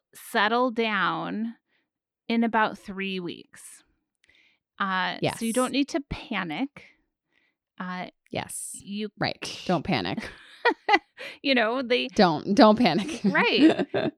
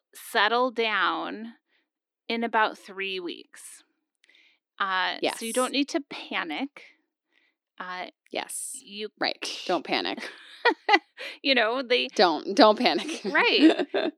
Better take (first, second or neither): first